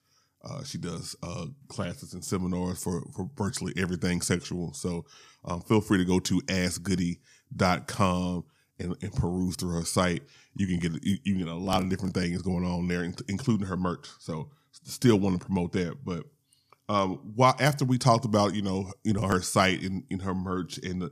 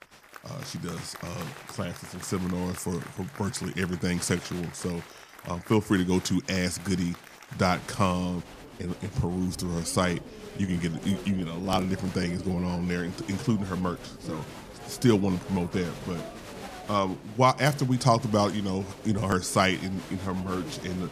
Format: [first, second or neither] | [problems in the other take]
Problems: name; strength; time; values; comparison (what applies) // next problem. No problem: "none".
first | crowd noise; noticeable; throughout; 15 dB below the speech